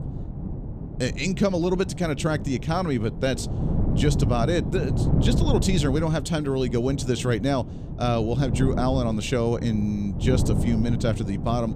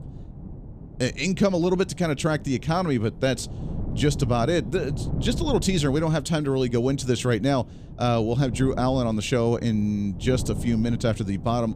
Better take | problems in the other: second | wind noise on the microphone; heavy; 9 dB below the speech; occasional gusts in the second

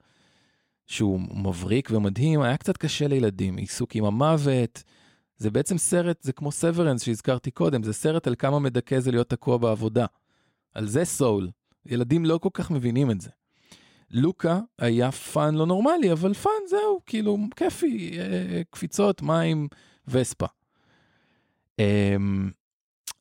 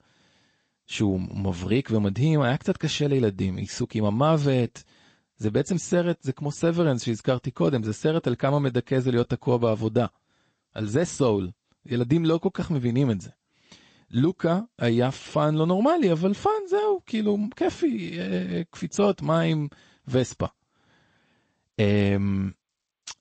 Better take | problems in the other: first | garbled, watery; slightly; nothing above 8 kHz

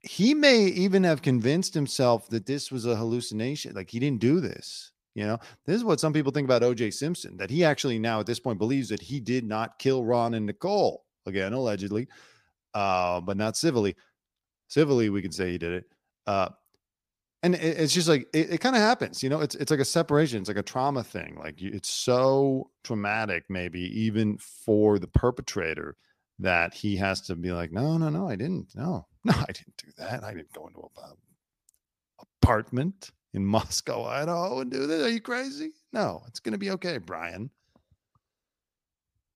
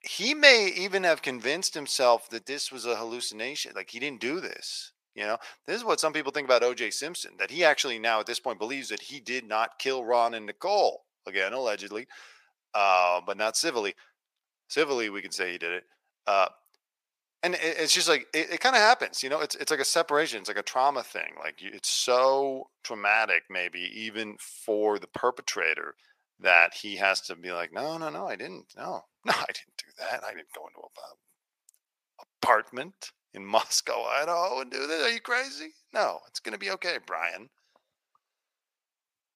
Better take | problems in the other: first | thin; very; fading below 700 Hz

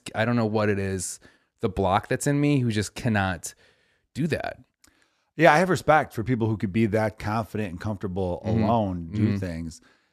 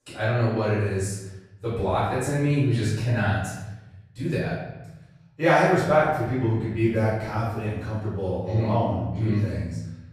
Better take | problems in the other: first | off-mic speech; far // room echo; strong; dies away in 1 s

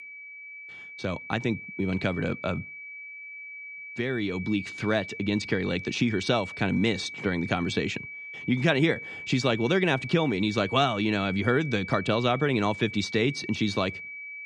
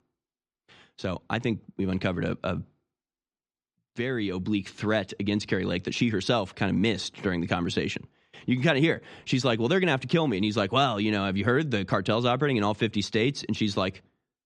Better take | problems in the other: second | high-pitched whine; noticeable; throughout; 2.5 kHz, 10 dB below the speech

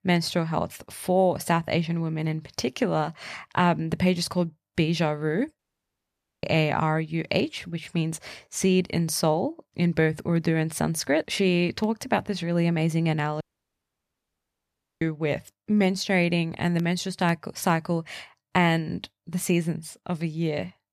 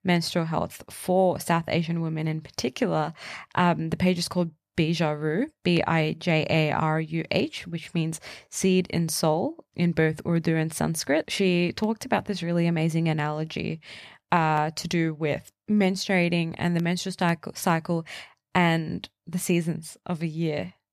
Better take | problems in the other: second | audio cutting out; at 5.5 s for 1 s and at 13 s for 1.5 s

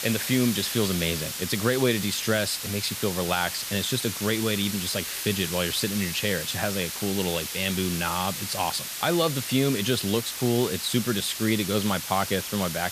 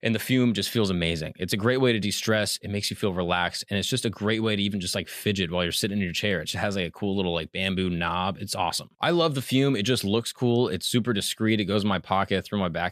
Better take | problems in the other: second | hiss; loud; throughout; 4 dB below the speech

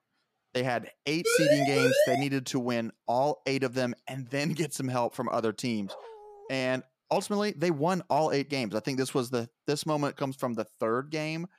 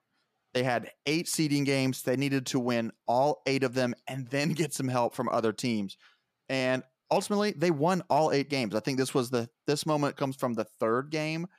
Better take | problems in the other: second | siren; loud; at 1.5 s; peak 6 dB above the speech // dog barking; faint; at 6 s; peak 15 dB below the speech

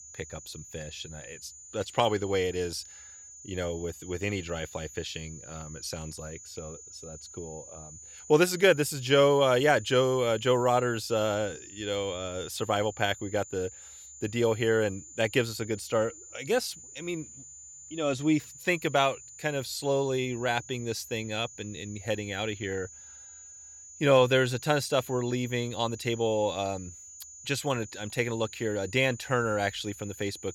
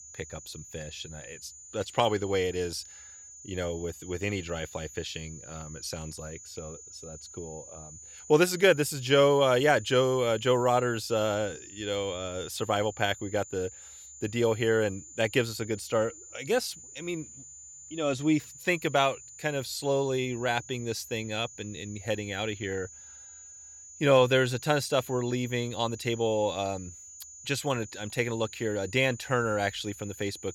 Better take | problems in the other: neither | high-pitched whine; noticeable; throughout; 7 kHz, 15 dB below the speech; the same in both

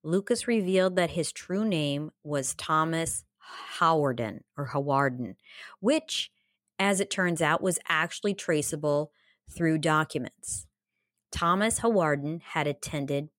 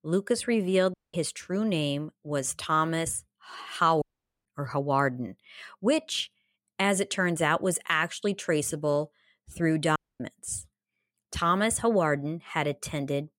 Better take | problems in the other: first | audio cutting out; at 1 s, at 4 s and at 10 s

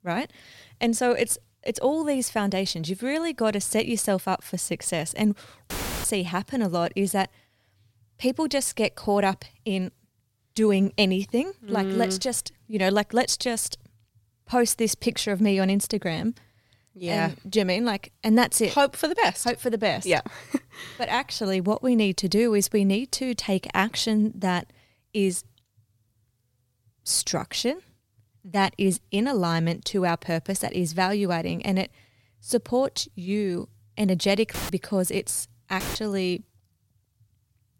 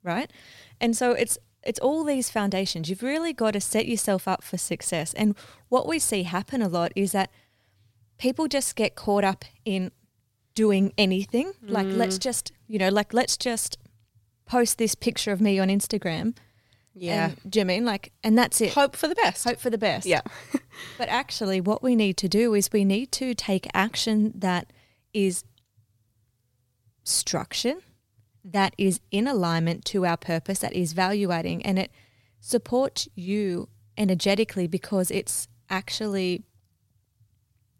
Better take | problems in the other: second | audio cutting out; filled with static; at 5.5 s, at 35 s and at 36 s

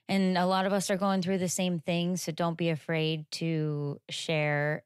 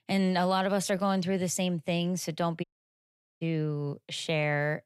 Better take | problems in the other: first | audio cutting out; at 2.5 s for 1 s

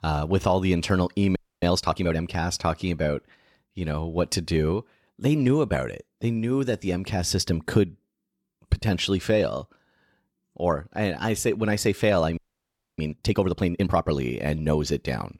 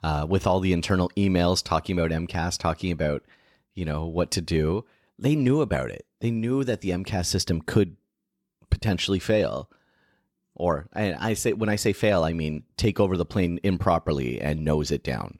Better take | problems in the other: second | audio freezing; at 1.5 s and at 12 s for 0.5 s

